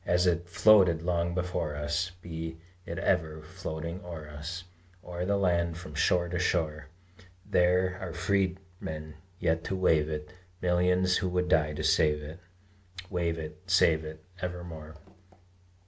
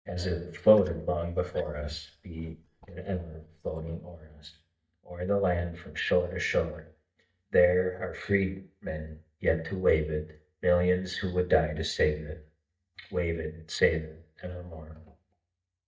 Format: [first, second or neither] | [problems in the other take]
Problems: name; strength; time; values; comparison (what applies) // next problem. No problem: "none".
first | noise reduction (neural mask model DeepFilterNet 3)